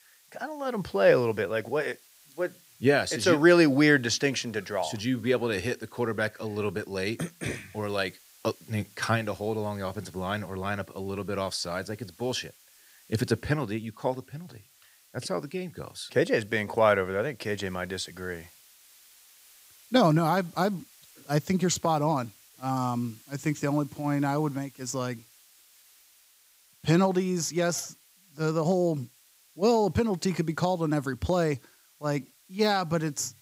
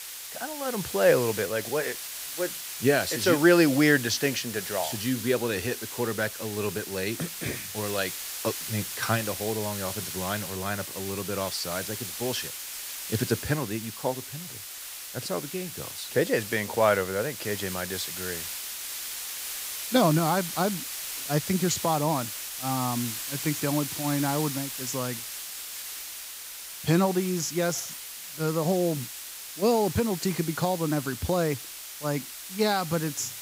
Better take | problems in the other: first | hiss; loud; throughout; 6 dB below the speech; faint in the first

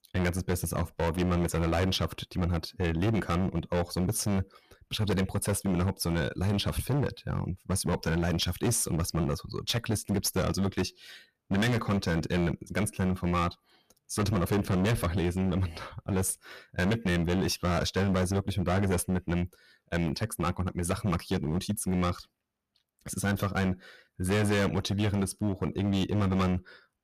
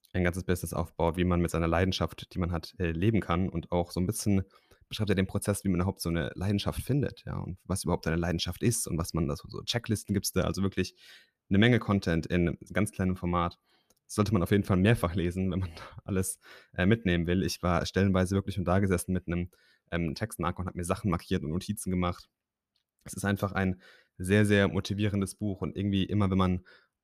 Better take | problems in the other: second | distortion; heavy; 16% of the sound clipped

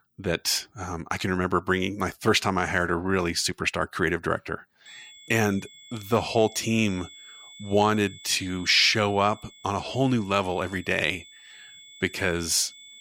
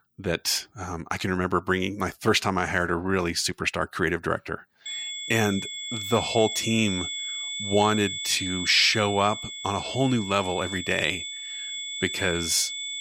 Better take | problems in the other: first | high-pitched whine; loud; from 5 s on; 3.5 kHz, 6 dB below the speech; faint in the first

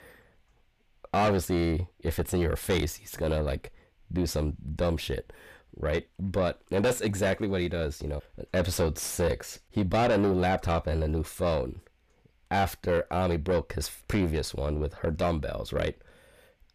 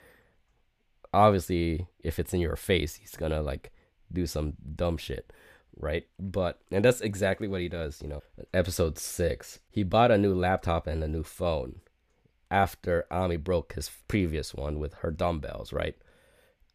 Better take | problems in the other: second | distortion; heavy; 6 dB below the speech

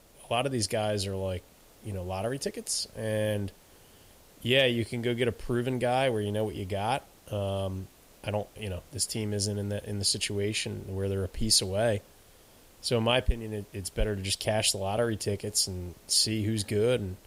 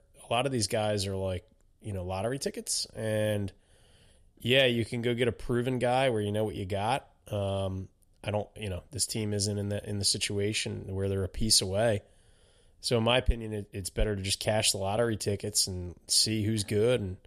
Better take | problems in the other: second | hiss; faint; throughout; 25 dB below the speech

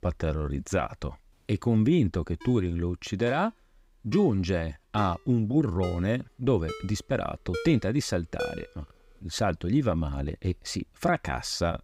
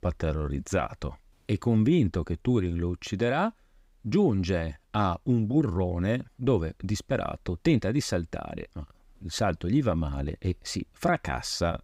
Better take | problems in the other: second | phone ringing; noticeable; from 2.5 to 8.5 s; peak 7 dB below the speech

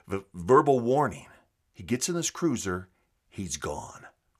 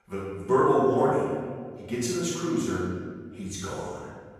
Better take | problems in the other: first | off-mic speech; far // room echo; strong; dies away in 1.6 s

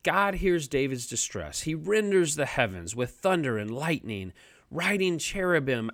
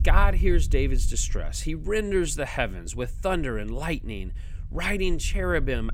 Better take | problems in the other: first | low rumble; faint; throughout; 25 dB below the speech

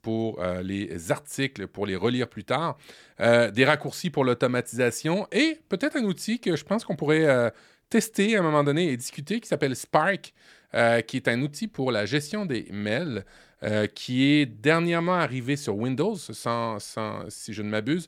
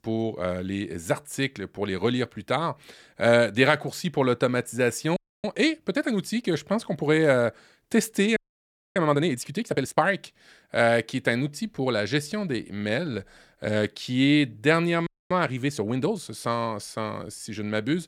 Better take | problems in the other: first | audio freezing; at 5 s, at 8.5 s for 0.5 s and at 15 s

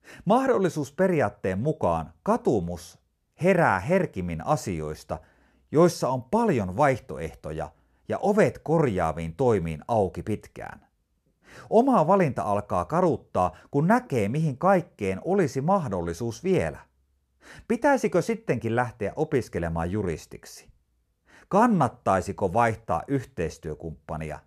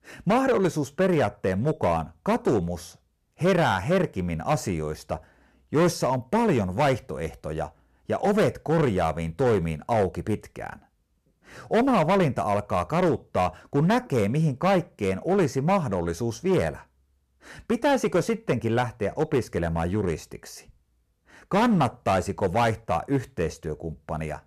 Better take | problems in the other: first | distortion; slight; 7% of the sound clipped

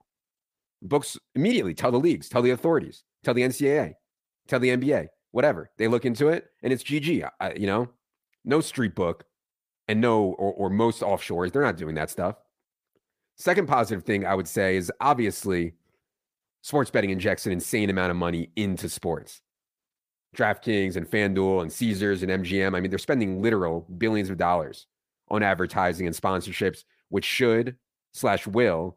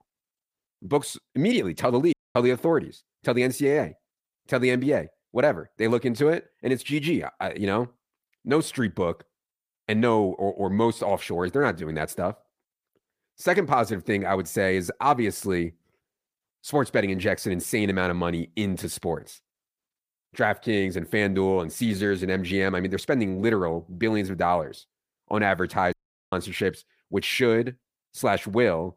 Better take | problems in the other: first | audio cutting out; at 2 s and at 26 s

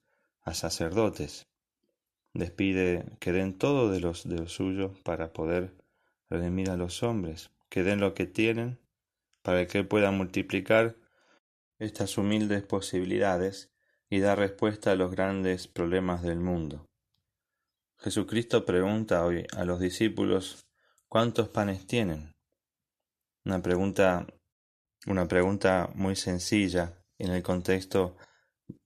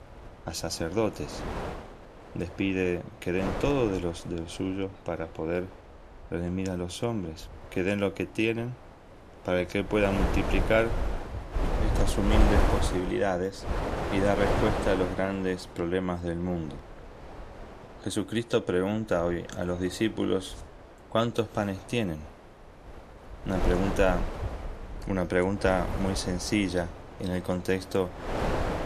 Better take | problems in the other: first | wind noise on the microphone; heavy; 5 dB below the speech

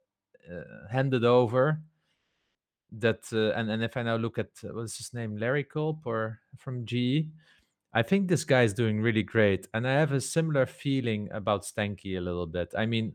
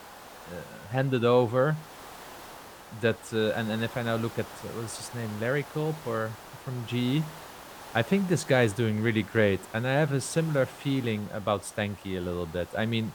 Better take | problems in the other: first | hiss; noticeable; throughout; 15 dB below the speech

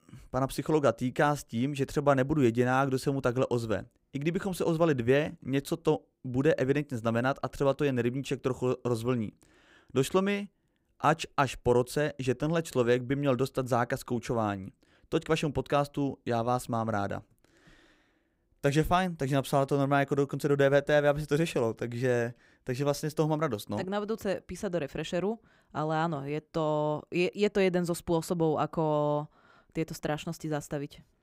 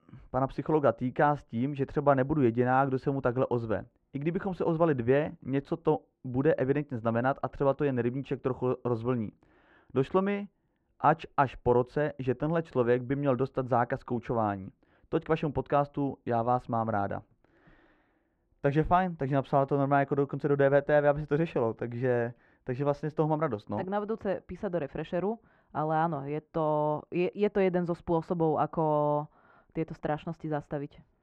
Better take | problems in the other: first | muffled; very; fading above 2 kHz

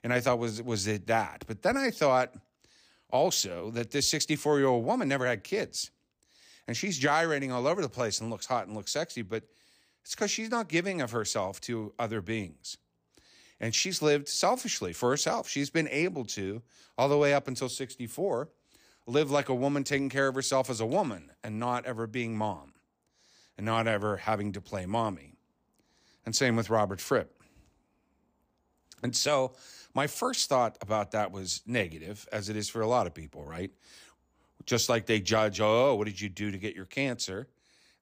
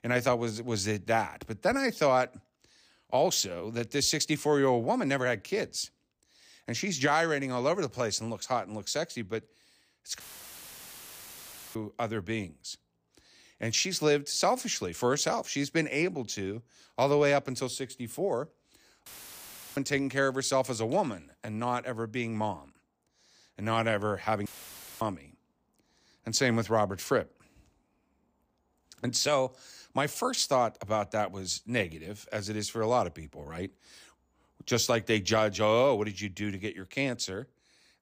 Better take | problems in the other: first | audio cutting out; filled with static; at 10 s for 1.5 s, at 19 s for 0.5 s and at 24 s for 0.5 s

